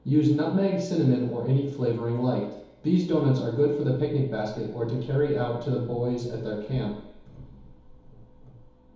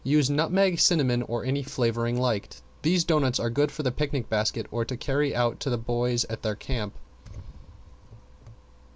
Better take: second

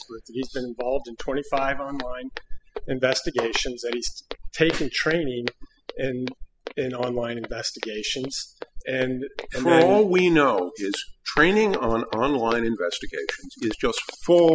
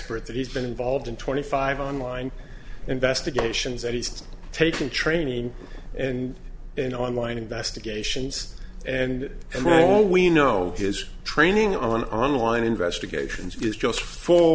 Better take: second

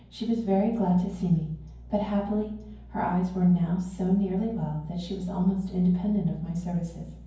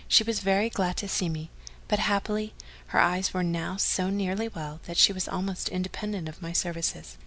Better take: second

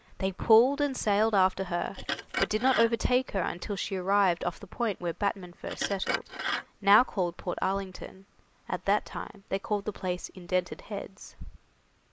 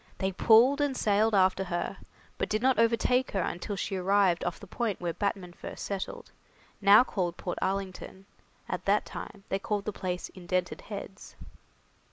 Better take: second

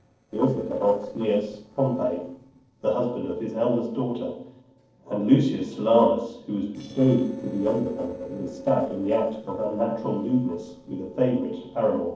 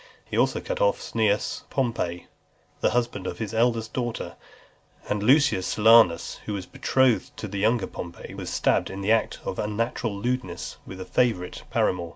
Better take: second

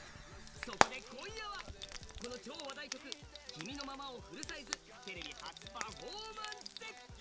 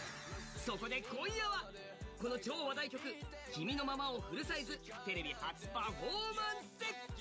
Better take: second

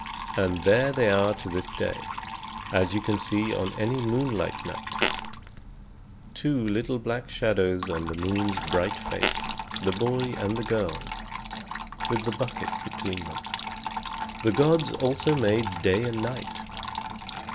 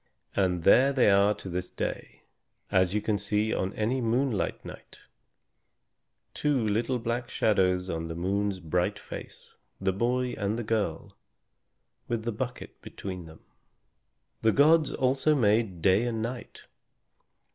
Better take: second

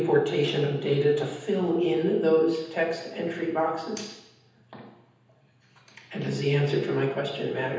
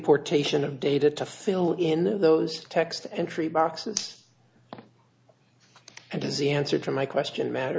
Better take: second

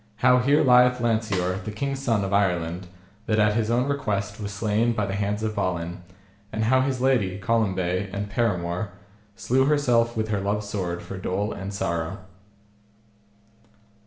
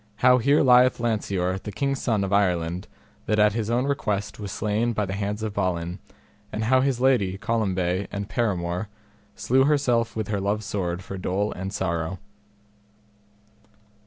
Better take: second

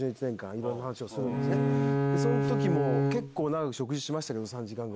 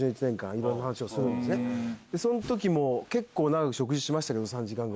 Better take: second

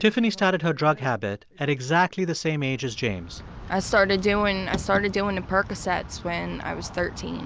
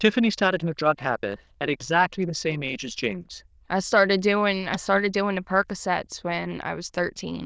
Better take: first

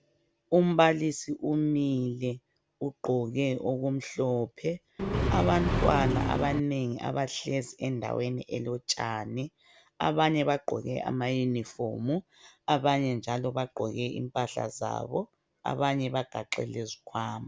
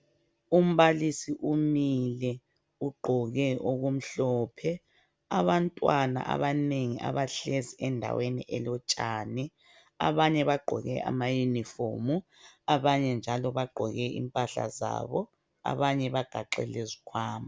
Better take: second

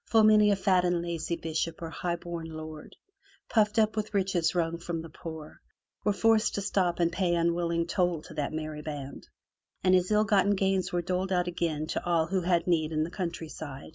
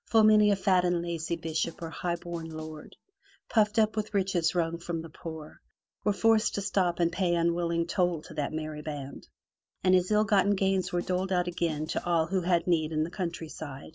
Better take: first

